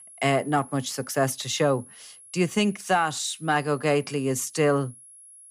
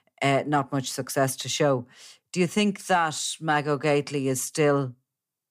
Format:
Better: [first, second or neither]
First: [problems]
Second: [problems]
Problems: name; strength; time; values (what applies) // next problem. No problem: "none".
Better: second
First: high-pitched whine; faint; throughout; 11 kHz, 20 dB below the speech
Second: none